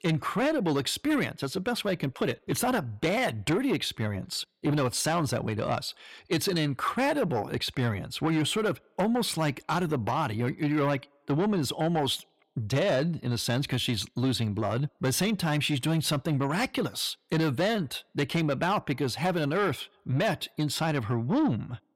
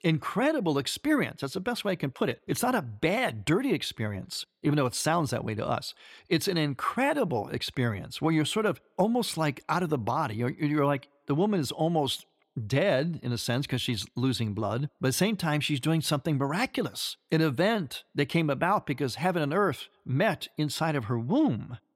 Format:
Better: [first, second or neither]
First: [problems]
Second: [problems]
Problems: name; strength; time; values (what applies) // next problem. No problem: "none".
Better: second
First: distortion; slight; 10 dB below the speech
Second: none